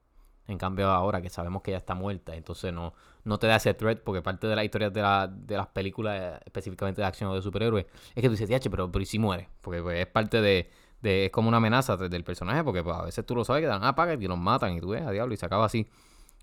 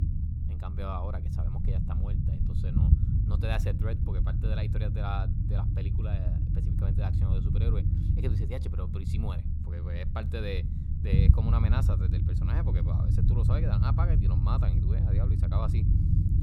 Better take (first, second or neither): first